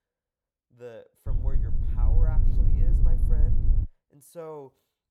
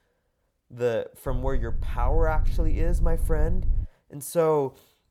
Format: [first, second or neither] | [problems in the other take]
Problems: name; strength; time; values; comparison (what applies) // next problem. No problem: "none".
second | low rumble; loud; from 1.5 to 4 s; as loud as the speech; faint in the second